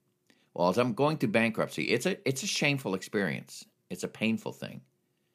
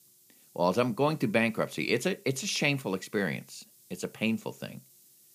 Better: first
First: none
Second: hiss; faint; throughout; 25 dB below the speech

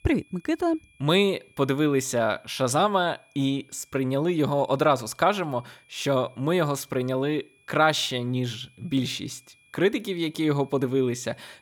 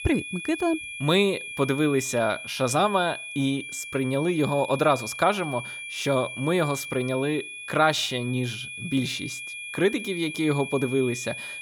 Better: first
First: high-pitched whine; faint; throughout; 2.5 kHz, 35 dB below the speech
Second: high-pitched whine; loud; throughout; 2.5 kHz, 9 dB below the speech

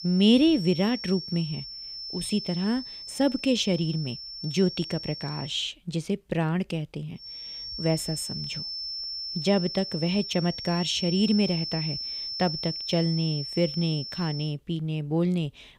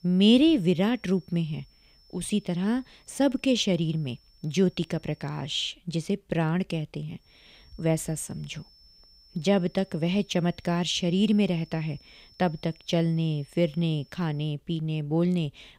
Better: second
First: high-pitched whine; loud; until 5.5 s and from 7 to 14 s; 5.5 kHz, 7 dB below the speech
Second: high-pitched whine; faint; until 5.5 s and from 7 to 14 s; 5.5 kHz, 30 dB below the speech

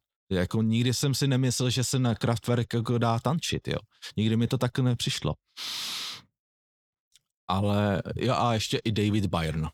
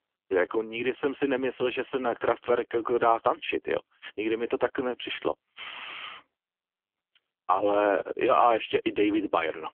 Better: first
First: none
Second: phone-call audio; poor line; nothing above 3.5 kHz

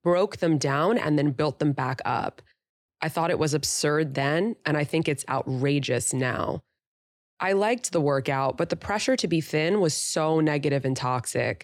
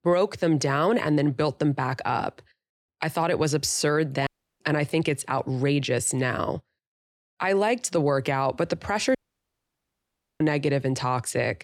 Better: first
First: none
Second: audio cutting out; at 4.5 s and at 9 s for 1.5 s

